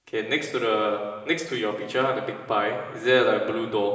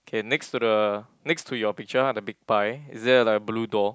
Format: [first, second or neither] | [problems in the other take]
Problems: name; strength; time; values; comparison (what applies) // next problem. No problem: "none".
second | room echo; dies away in 1.3 s